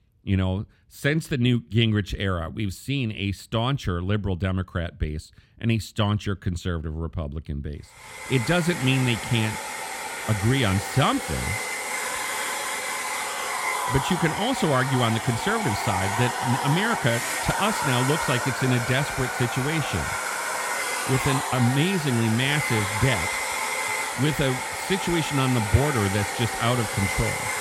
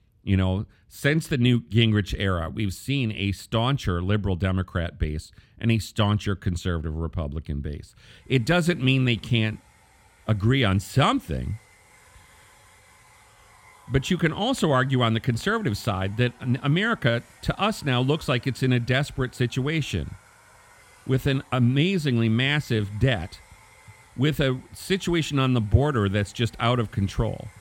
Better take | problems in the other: second | household noises; loud; from 8.5 s on; 2 dB below the speech; faint in the second

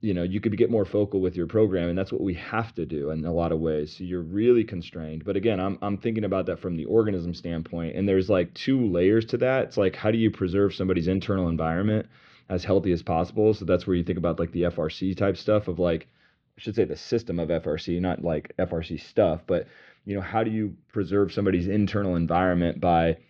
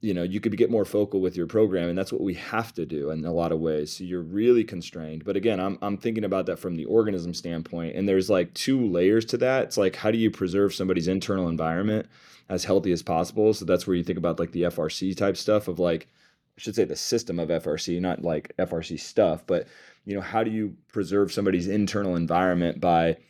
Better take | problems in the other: second | muffled; slightly; fading above 4 kHz

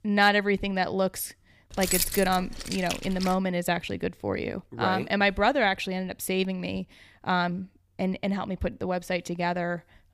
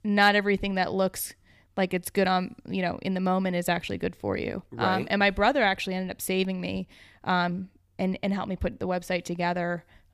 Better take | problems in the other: second | jangling keys; loud; from 1.5 to 3.5 s; peak 2 dB above the speech

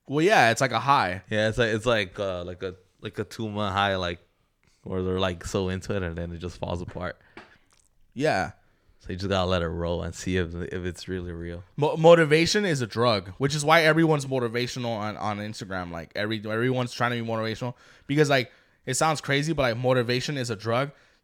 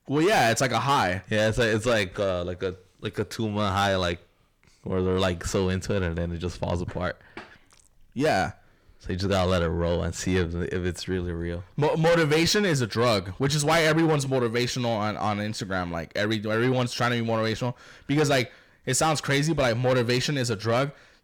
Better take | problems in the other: first | distortion; heavy; 7 dB below the speech

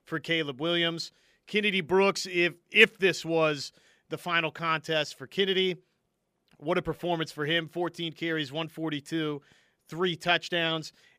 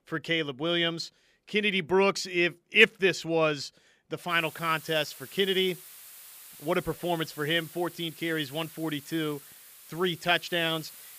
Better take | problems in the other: first | hiss; noticeable; from 4.5 s on; 20 dB below the speech

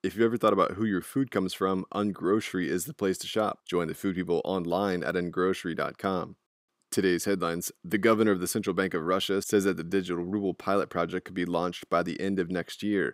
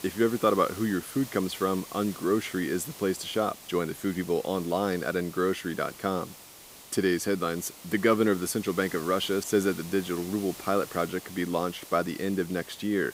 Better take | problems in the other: first | hiss; noticeable; throughout; 15 dB below the speech

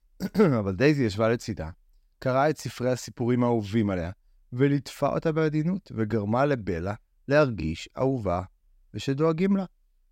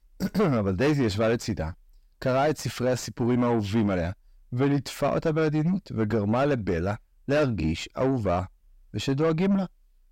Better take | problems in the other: first | distortion; heavy; 7 dB below the speech

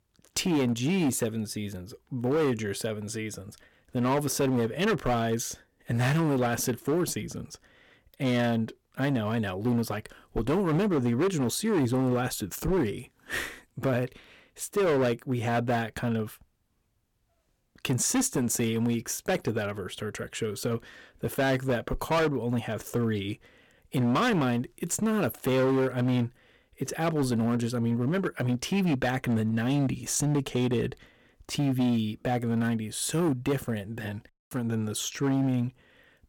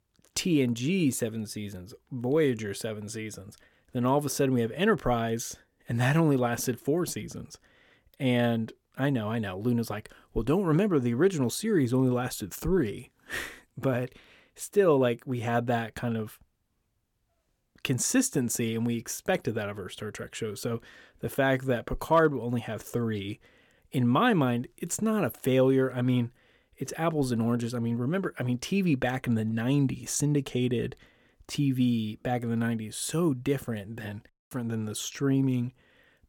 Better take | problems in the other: second | distortion; slight; 10% of the sound clipped

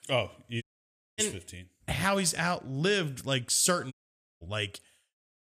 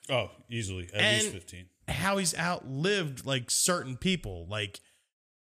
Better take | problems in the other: second | audio cutting out; at 0.5 s for 0.5 s and at 4 s

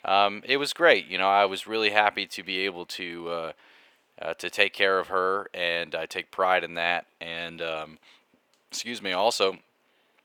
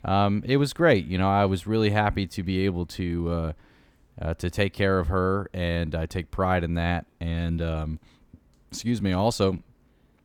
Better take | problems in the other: second | thin; very; fading below 600 Hz

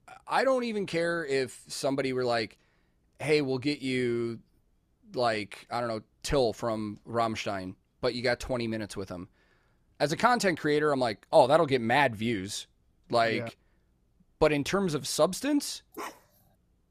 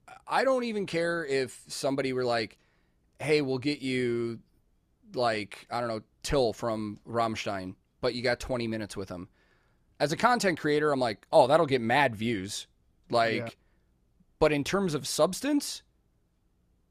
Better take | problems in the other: second | dog barking; faint; at 16 s; peak 15 dB below the speech

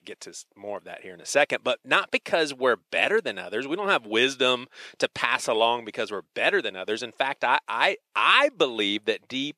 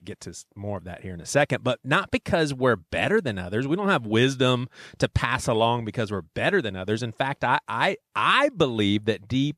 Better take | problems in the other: second | thin; somewhat; fading below 450 Hz

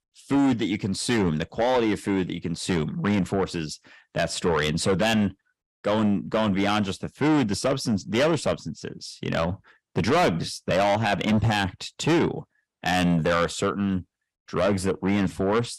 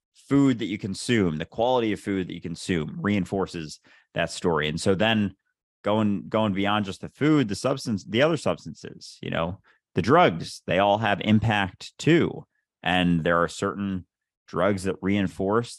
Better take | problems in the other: second | distortion; heavy; 7 dB below the speech

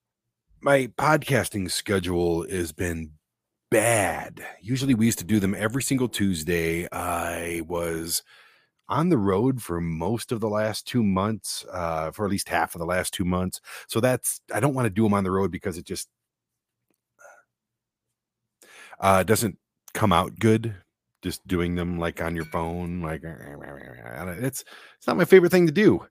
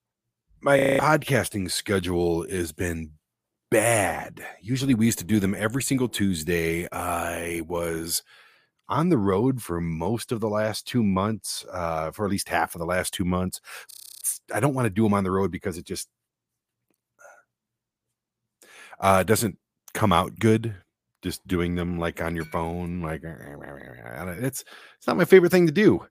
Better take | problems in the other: first | audio freezing; at 1 s and at 14 s

